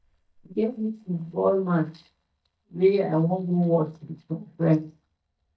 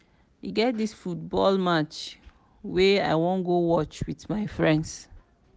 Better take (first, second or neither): second